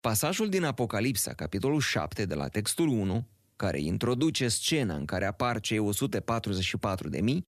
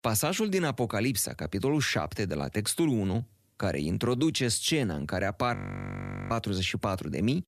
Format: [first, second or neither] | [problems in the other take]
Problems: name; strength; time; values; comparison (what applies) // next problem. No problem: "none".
first | audio freezing; at 5.5 s for 1 s